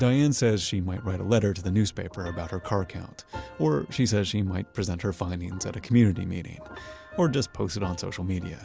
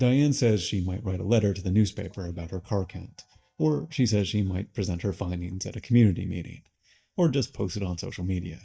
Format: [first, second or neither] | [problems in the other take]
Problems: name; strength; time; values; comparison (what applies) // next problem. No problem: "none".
first | noise reduction (neural mask model DeepFilterNet 3)